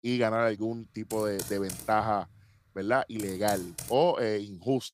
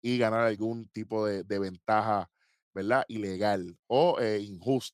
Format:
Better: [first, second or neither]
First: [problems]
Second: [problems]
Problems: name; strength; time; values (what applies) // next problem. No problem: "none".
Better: second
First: keyboard typing; noticeable; from 1 to 4 s; peak 8 dB below the speech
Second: none